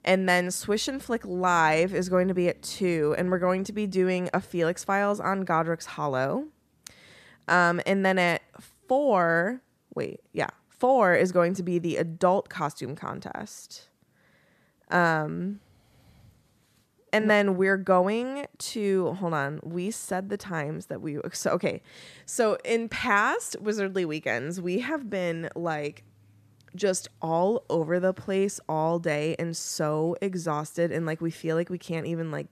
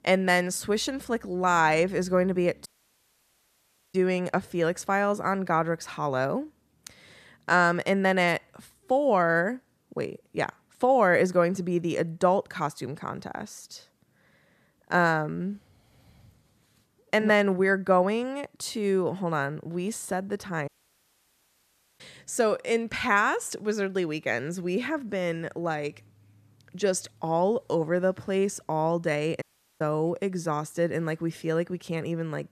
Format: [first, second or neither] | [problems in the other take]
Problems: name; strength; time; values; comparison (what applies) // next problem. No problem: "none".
first | audio cutting out; at 2.5 s for 1.5 s, at 21 s for 1.5 s and at 29 s